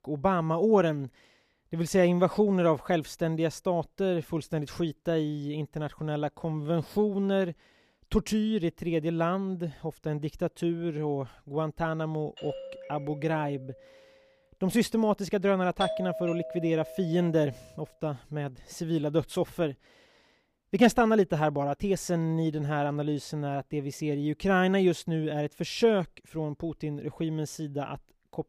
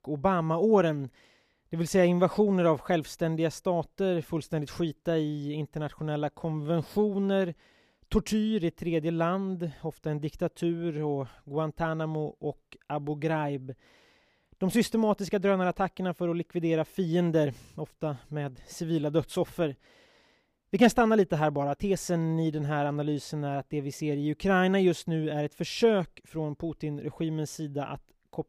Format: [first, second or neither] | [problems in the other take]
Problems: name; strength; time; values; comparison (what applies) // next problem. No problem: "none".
second | doorbell; faint; from 12 to 14 s; peak 10 dB below the speech // doorbell; noticeable; from 16 to 17 s; peak 4 dB below the speech